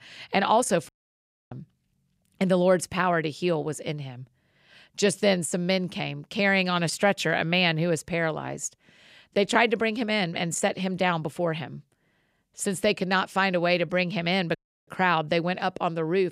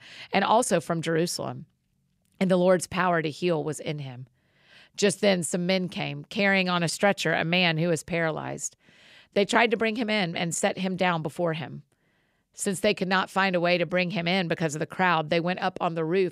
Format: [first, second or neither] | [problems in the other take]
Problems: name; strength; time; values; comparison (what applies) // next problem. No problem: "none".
second | audio cutting out; at 1 s for 0.5 s and at 15 s